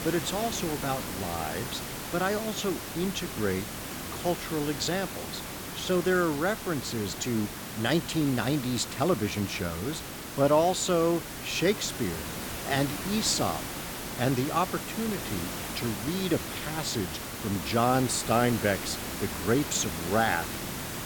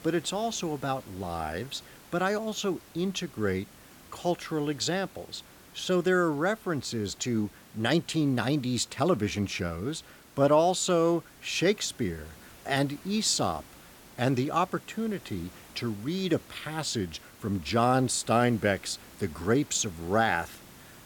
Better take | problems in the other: second | hiss; loud; throughout; 6 dB below the speech; faint in the second

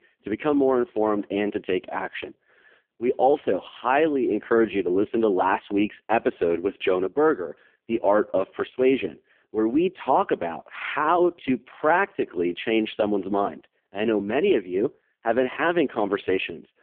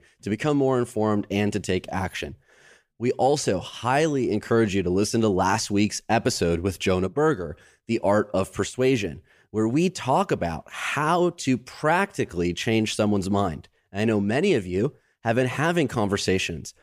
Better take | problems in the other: second | phone-call audio; poor line

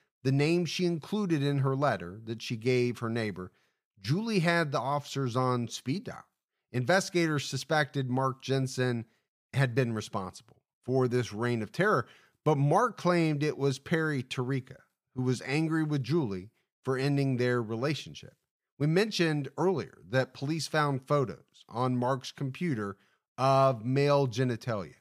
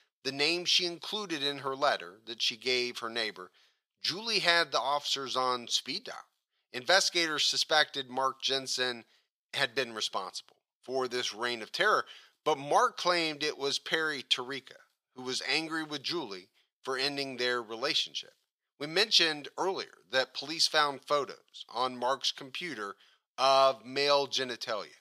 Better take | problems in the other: first | thin; very; fading below 550 Hz

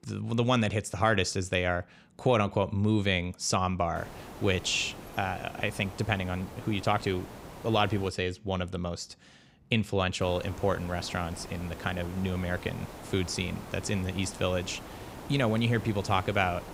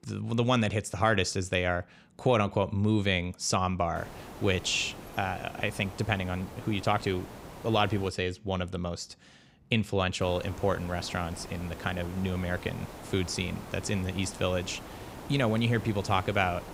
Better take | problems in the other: neither | hiss; noticeable; from 4 to 8 s and from 10 s on; 15 dB below the speech; the same in both

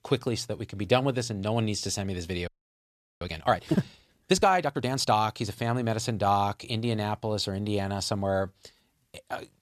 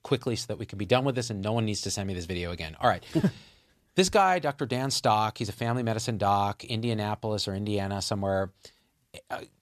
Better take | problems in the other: second | audio freezing; at 2.5 s for 0.5 s

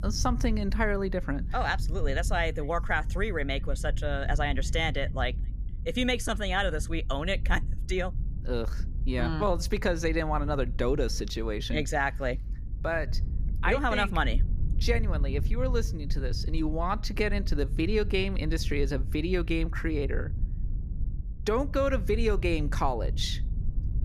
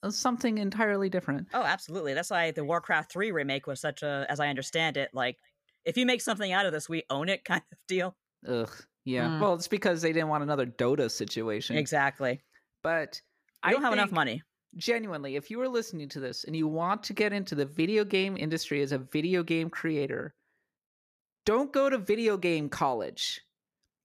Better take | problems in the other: second | low rumble; noticeable; throughout; 20 dB below the speech

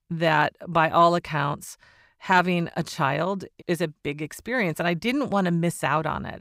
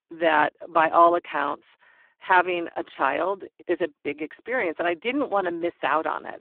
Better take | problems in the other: first | phone-call audio; poor line

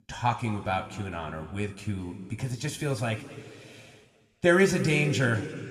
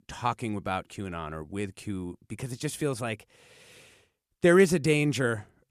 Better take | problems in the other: second | room echo; slight; dies away in 1.9 s

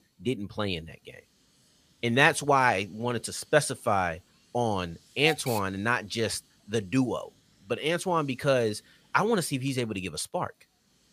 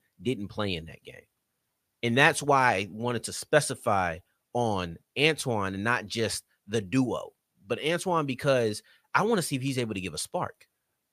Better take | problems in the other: second | hiss; noticeable; throughout; 15 dB below the speech

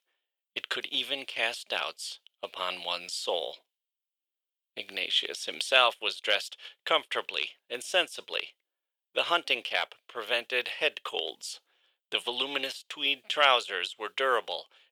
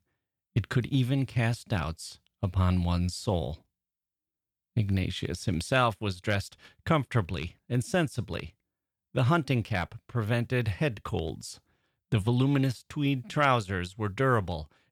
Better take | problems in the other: second | thin; very; fading below 500 Hz

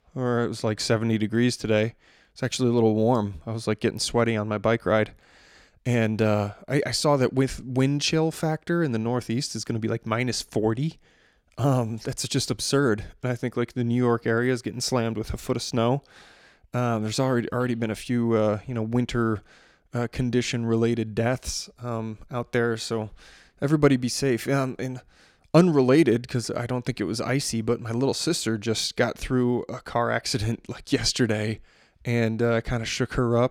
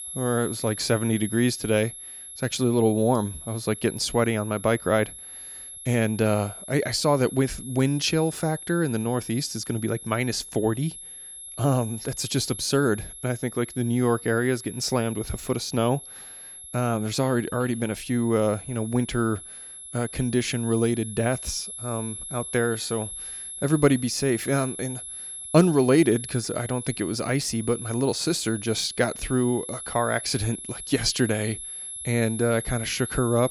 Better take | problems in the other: first | high-pitched whine; noticeable; throughout; 11 kHz, 10 dB below the speech

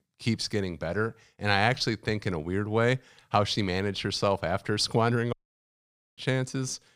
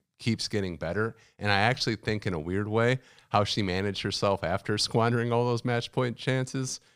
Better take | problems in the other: second | audio cutting out; at 5.5 s for 1 s

